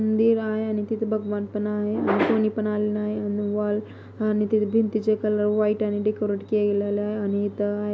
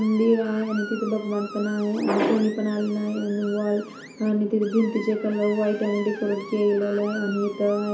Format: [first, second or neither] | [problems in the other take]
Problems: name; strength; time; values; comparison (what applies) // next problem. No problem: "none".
first | background sound (Screech); 17 dB below the speech // room echo; dies away in 0.4 s